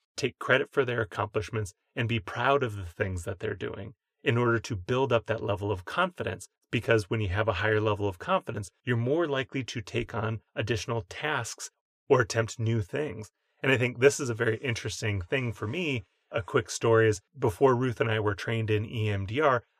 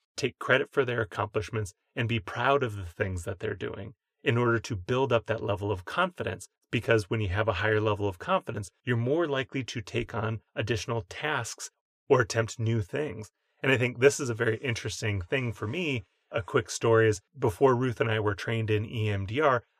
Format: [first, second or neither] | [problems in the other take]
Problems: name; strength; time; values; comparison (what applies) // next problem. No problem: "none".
neither | none